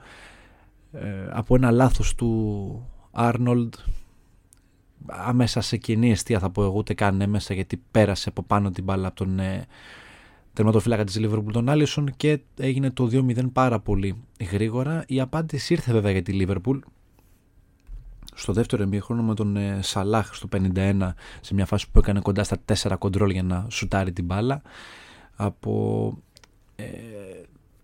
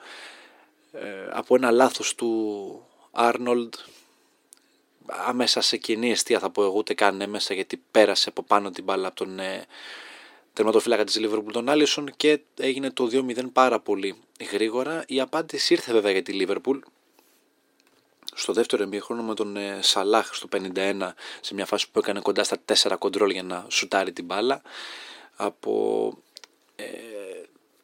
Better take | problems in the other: first | thin; somewhat; fading below 350 Hz

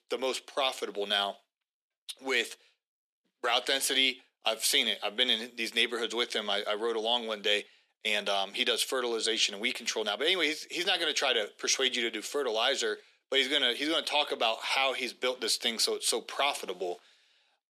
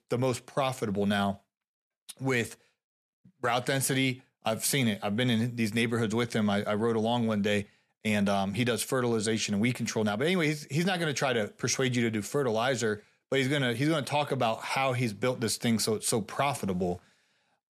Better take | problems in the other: second | thin; somewhat; fading below 300 Hz

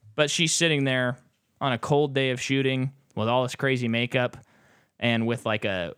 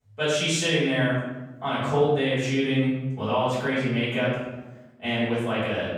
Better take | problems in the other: first | off-mic speech; far // room echo; noticeable; dies away in 0.9 s

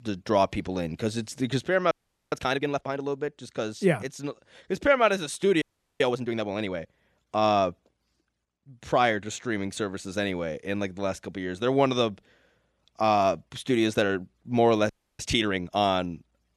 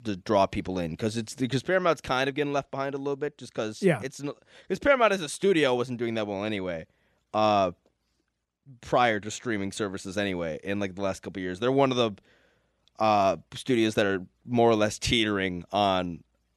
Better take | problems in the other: second | audio freezing; at 2 s, at 5.5 s and at 15 s

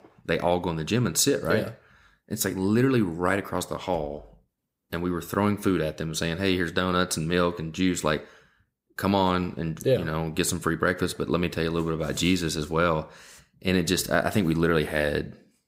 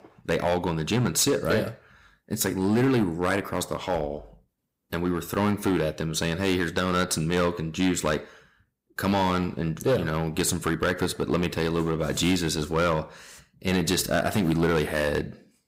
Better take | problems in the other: first | distortion; slight; 6% of the sound clipped

